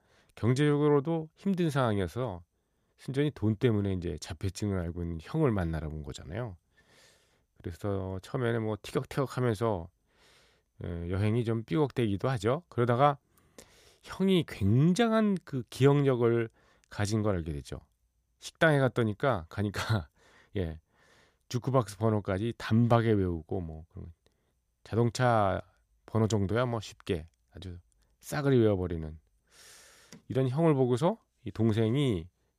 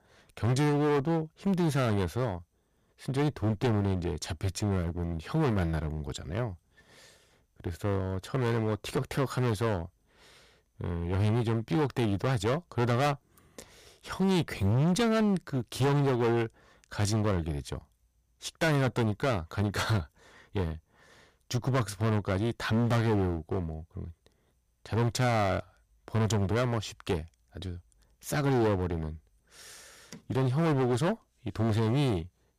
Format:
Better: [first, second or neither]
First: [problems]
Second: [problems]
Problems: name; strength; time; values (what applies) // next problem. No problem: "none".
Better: first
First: none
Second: distortion; heavy; 14% of the sound clipped